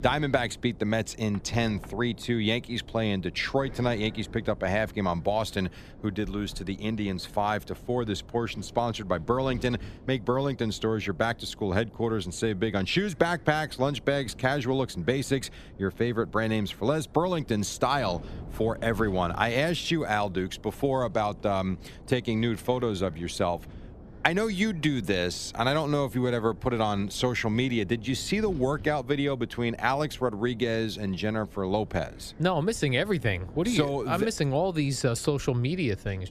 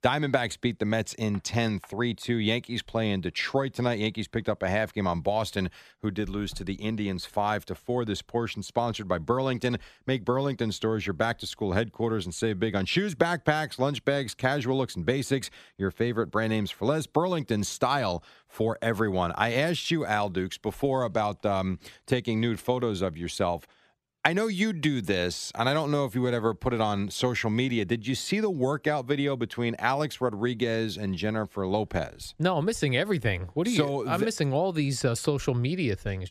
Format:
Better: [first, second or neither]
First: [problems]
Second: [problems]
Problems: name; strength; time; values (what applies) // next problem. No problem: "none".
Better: second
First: wind noise on the microphone; occasional gusts; 25 dB below the speech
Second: none